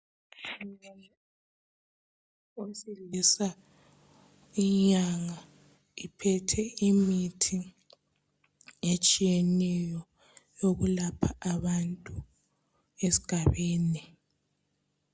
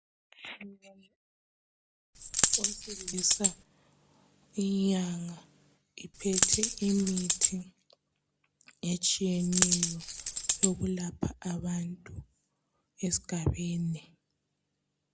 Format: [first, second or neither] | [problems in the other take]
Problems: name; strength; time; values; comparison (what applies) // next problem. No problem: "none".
first | background sound (Coin (dropping)); 4 dB above the speech